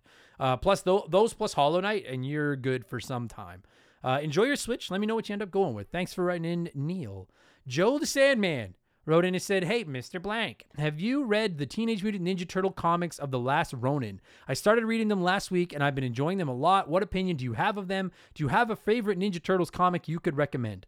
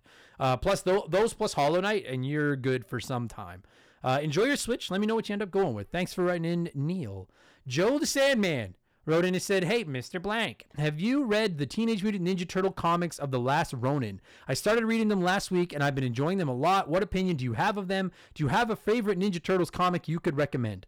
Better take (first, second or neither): first